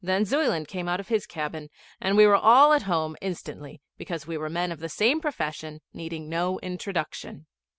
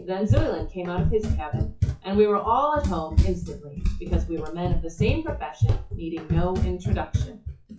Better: first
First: none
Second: noise reduction (classical method WPE with log-MMSE)

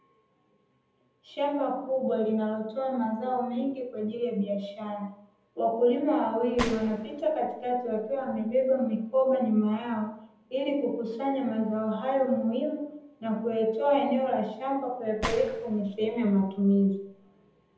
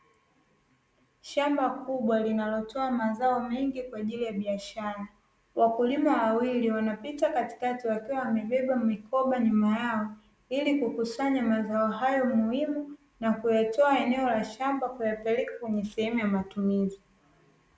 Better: second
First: background sound (Gunshot, gunfire); 12 dB below the speech // room echo; dies away in 0.7 s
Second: none

